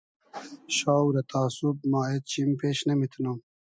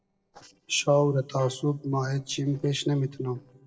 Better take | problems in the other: first | noise reduction (neural separator model SepFormer DNS4)

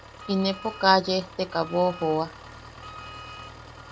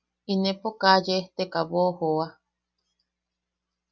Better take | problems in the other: second | background sound (Engine + Wind instrument, woodwind instrument); 15 dB below the speech

